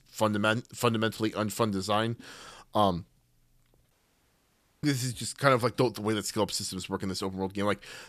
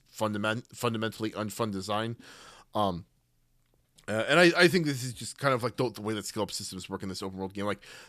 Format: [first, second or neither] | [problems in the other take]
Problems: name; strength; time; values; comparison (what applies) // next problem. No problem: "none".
second | audio cutting out; at 4 s for 1 s